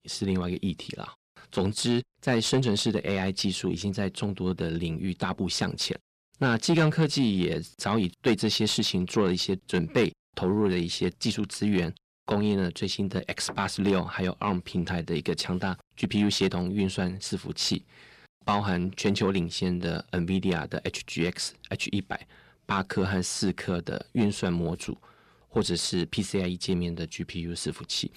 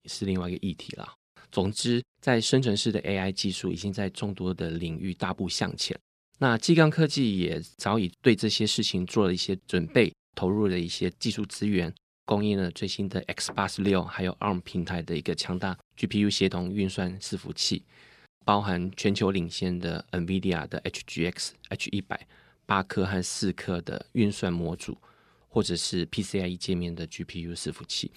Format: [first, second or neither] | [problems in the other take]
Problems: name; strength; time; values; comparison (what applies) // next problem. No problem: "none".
second | distortion; slight; 10 dB below the speech